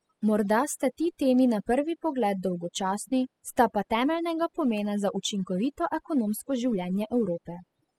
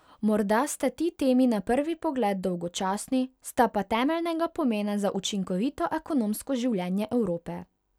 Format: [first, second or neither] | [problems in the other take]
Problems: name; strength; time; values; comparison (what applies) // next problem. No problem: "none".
second | noise reduction (classical method spectral subtraction)